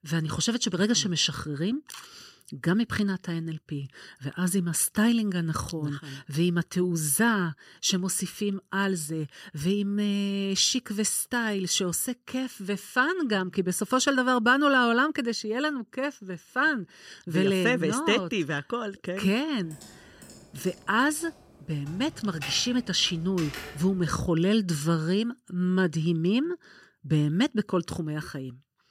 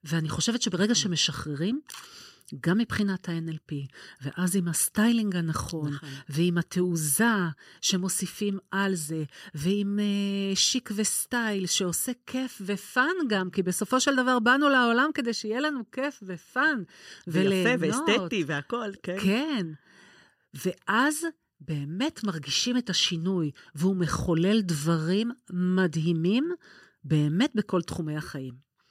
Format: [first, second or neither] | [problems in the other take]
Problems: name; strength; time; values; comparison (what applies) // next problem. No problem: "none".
second | keyboard typing; faint; from 20 to 24 s; peak 10 dB below the speech